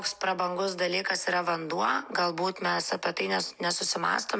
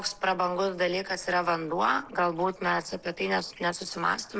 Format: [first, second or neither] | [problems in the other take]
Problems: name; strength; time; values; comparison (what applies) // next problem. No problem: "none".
first | noise reduction (neural separator model SepFormer DNS4)